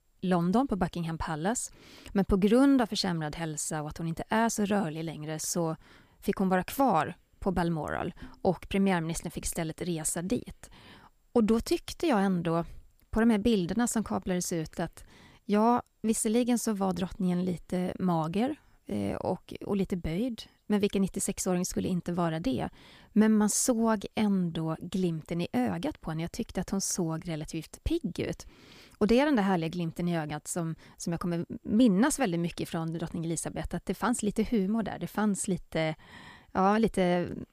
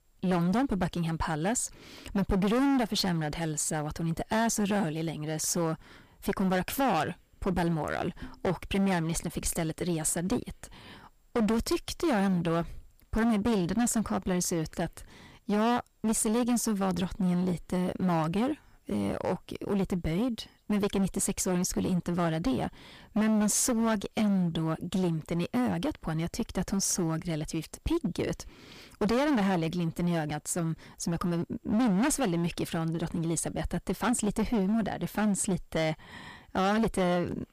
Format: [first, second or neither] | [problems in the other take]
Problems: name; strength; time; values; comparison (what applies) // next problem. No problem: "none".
first | distortion; heavy; 13% of the sound clipped